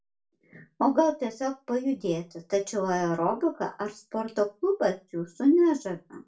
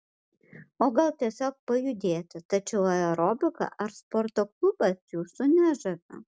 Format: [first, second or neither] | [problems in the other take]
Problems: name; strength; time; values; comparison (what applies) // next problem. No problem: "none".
second | room echo; dies away in 0.2 s